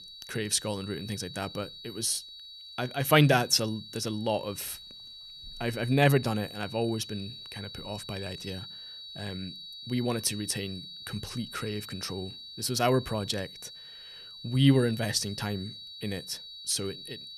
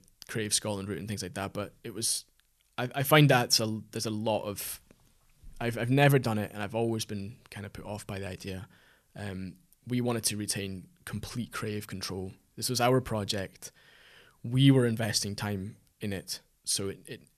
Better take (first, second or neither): second